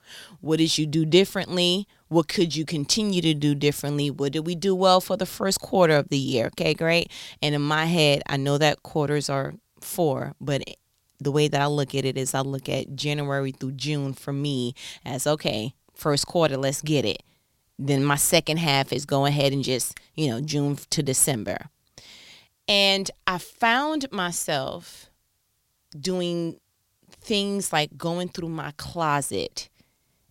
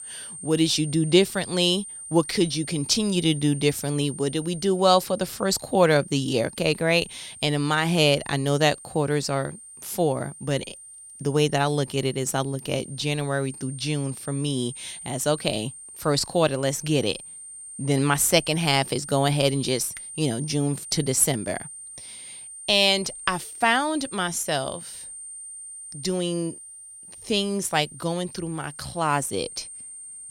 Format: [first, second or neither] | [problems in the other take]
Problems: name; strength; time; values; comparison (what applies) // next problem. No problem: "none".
first | high-pitched whine; noticeable; throughout; 8.5 kHz, 15 dB below the speech